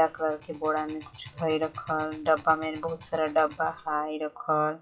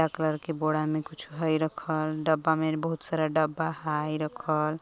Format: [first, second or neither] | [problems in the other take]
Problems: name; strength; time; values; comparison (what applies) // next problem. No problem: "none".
second | noise reduction (classical method WPE with log-MMSE)